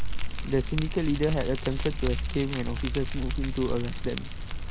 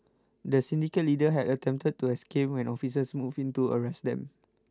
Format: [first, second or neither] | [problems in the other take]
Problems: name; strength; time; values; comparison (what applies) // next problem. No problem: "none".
second | background sound (Fire); 1 dB above the speech